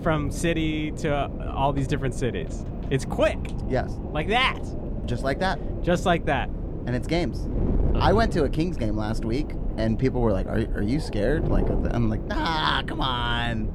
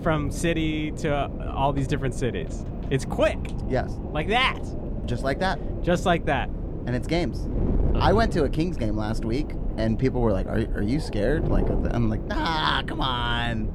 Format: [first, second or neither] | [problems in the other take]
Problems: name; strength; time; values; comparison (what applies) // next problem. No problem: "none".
neither | wind noise on the microphone; occasional gusts; 10 dB below the speech; the same in both